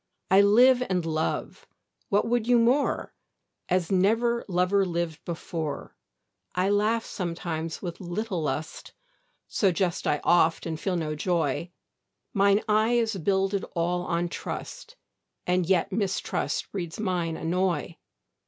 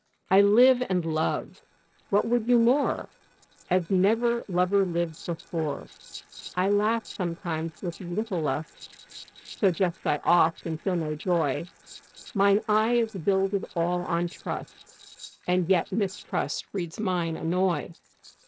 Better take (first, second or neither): first